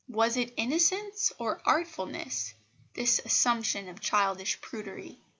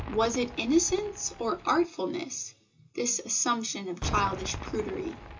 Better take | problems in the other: first | background sound (Cheering / Fireworks); 11 dB below the speech // room echo; dies away in 0.2 s

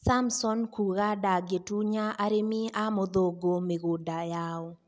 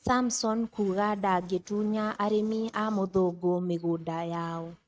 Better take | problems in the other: first | noise reduction (neural mask model RNNoise)

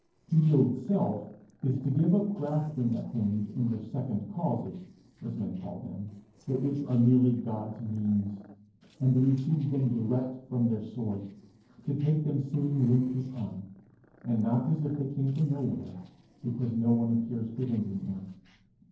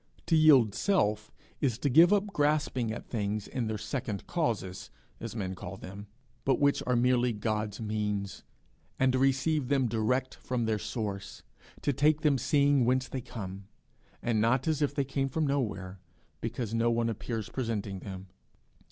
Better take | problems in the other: second | noise reduction (neural separator model SepFormer DNS4)

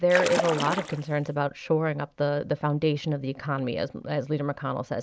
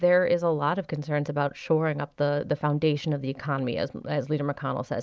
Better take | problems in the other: second | background sound (Splash, splatter); 4 dB below the speech

